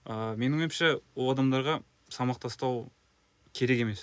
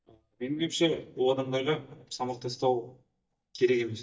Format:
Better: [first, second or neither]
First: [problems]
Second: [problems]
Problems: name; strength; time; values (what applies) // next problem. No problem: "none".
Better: first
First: none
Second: noise reduction (neural mask model DeepFilterNet 3)